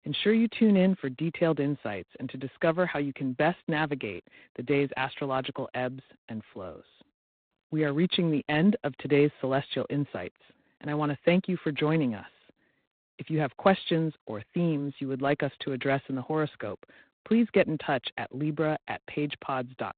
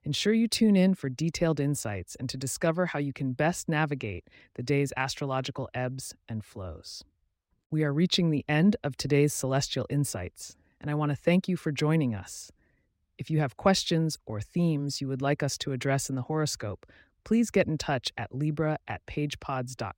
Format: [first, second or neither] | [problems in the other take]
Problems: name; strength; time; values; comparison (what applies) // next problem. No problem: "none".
second | phone-call audio; poor line; nothing above 4 kHz